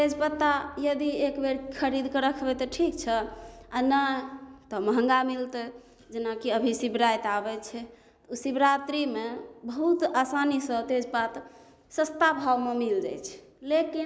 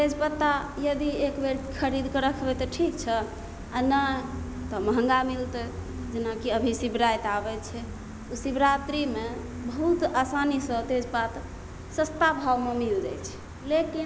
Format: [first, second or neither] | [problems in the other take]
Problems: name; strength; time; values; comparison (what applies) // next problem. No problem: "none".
first | background sound (Gull, seagull); 11 dB below the speech